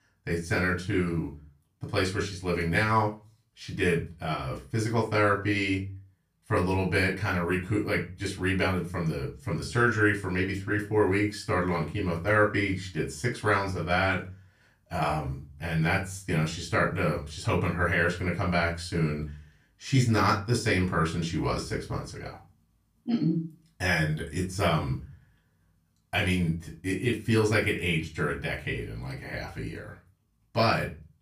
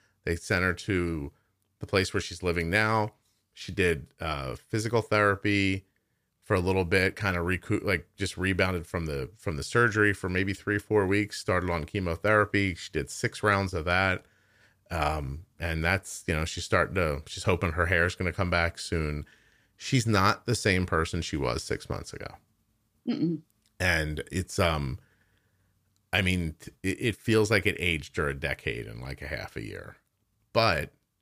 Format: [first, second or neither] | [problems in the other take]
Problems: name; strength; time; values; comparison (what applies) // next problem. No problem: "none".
second | off-mic speech; far // room echo; very slight; dies away in 0.3 s